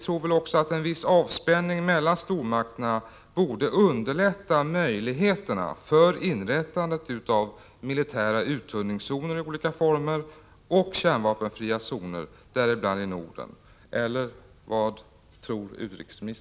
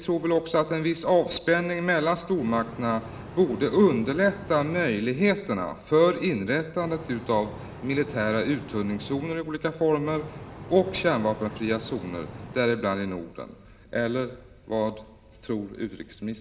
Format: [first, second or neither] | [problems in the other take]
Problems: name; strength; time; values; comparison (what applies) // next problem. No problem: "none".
first | background sound (Boat, Water vehicle); 14 dB below the speech // room echo; dies away in 2.1 s